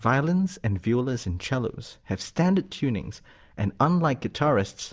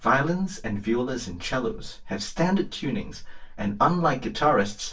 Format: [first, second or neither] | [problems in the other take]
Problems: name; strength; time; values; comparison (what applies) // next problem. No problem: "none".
first | room echo; dies away in 0.2 s